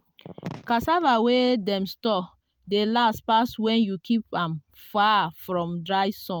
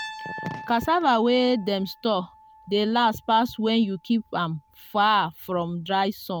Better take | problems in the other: first | background sound (Piano); 20 dB below the speech

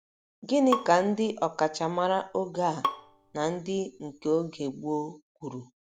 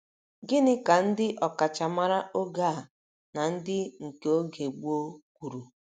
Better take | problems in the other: second | background sound (Bowed string instrument); 10 dB below the speech

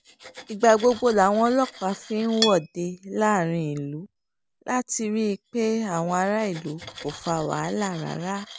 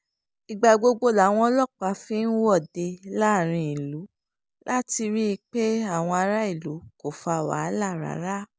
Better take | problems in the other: second | background sound (Cutlery, silverware); 15 dB below the speech

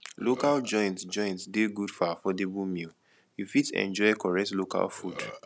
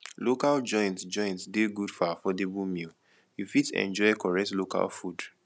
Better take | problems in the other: second | background sound (Burping, eructation); 20 dB below the speech

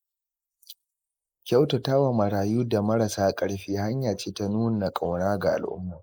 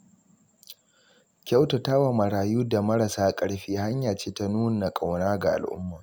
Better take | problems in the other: second | noise reduction (neural mask model Resemble Enhance denoiser)

